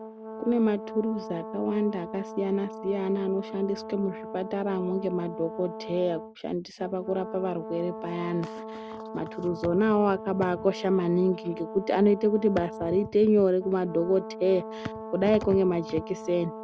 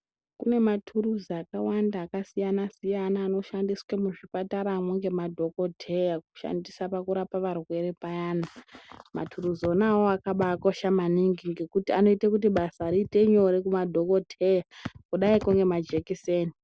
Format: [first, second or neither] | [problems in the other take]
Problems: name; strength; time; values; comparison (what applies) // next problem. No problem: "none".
second | background sound (Brass instrument); 12 dB below the speech